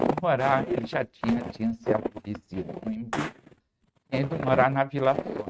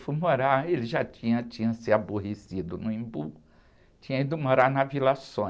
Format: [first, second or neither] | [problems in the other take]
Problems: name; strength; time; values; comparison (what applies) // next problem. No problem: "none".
second | noise reduction (neural mask model RNNoise)